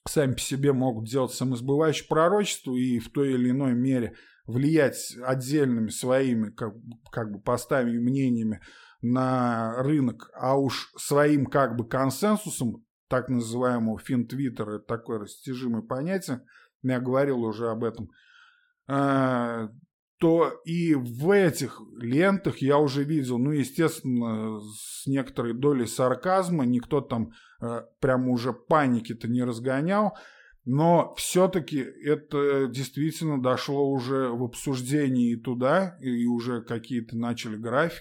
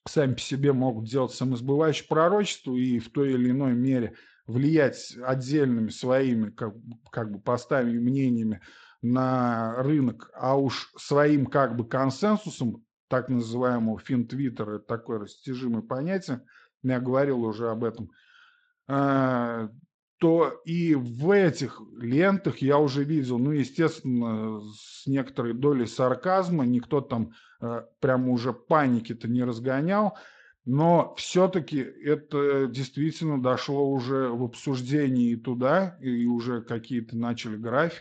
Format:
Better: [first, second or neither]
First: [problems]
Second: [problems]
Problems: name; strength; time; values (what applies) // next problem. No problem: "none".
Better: first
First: none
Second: garbled, watery; slightly; nothing above 7.5 kHz